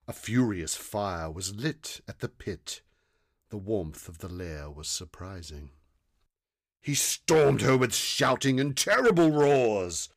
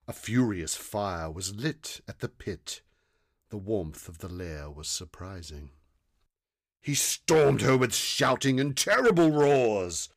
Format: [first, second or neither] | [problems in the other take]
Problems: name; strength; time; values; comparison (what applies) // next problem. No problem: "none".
neither | distortion; slight; 1.9% of the sound clipped; the same in both